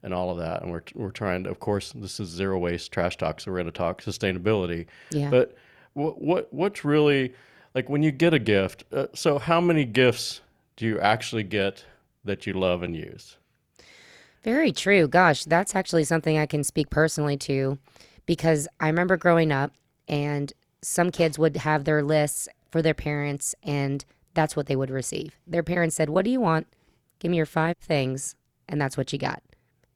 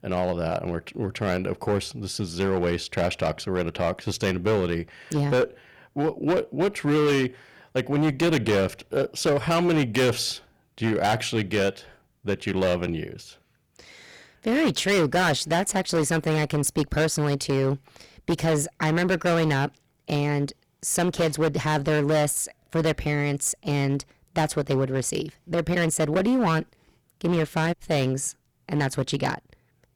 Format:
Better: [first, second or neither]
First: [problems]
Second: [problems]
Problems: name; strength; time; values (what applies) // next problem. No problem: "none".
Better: first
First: none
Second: distortion; heavy; 11% of the sound clipped